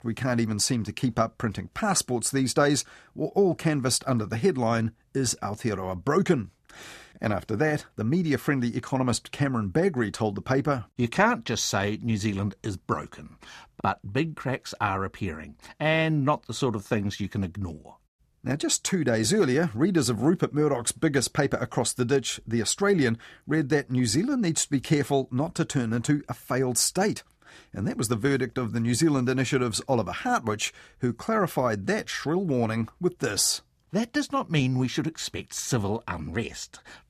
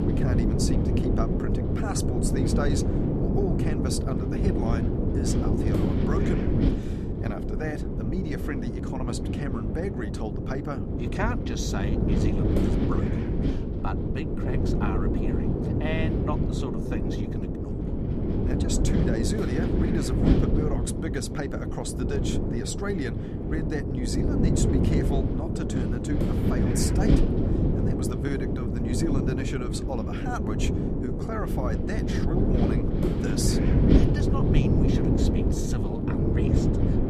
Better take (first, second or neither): first